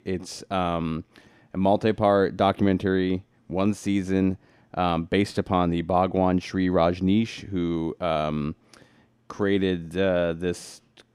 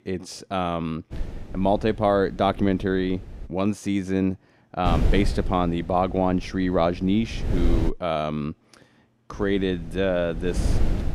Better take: first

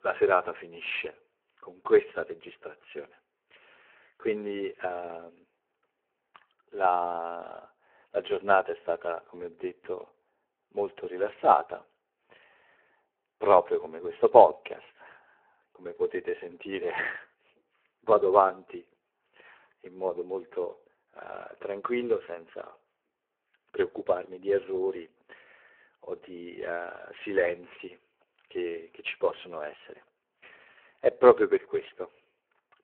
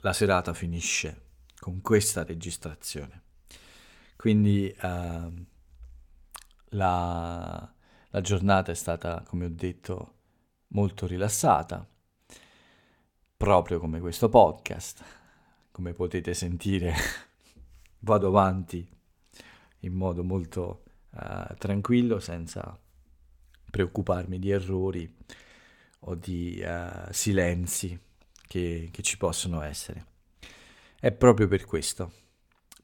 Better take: second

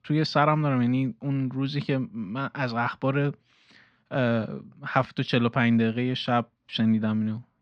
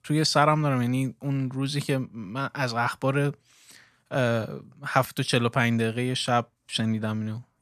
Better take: second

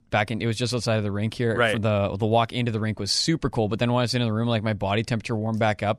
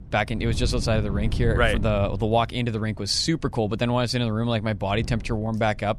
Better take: first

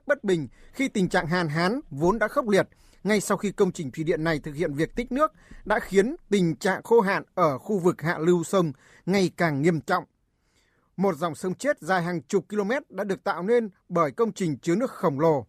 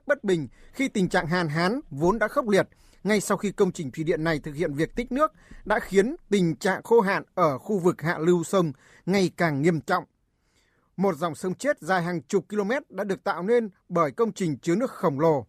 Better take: neither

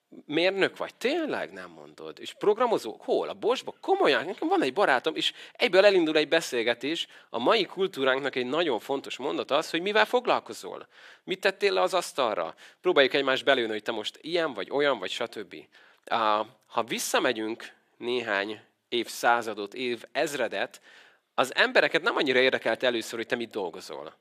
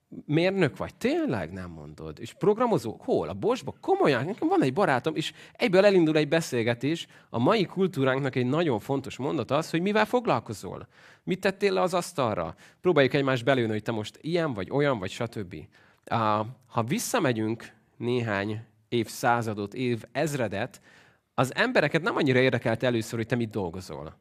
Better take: second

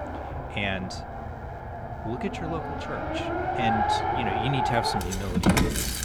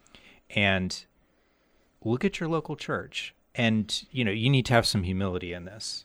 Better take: second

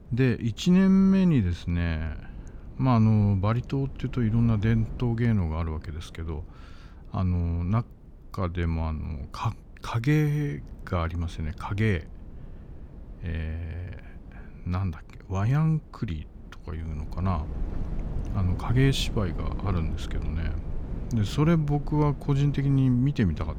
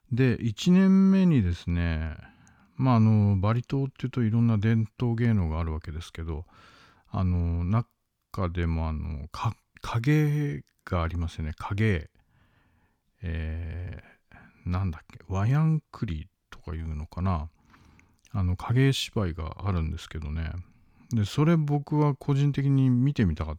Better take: second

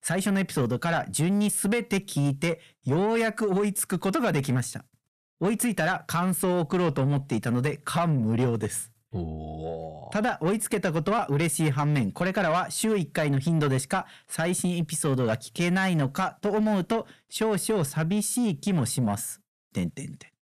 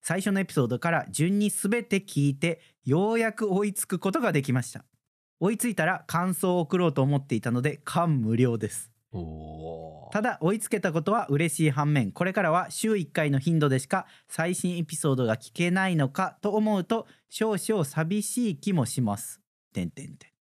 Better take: second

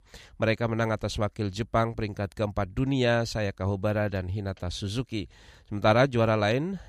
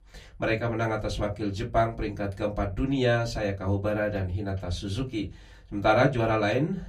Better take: first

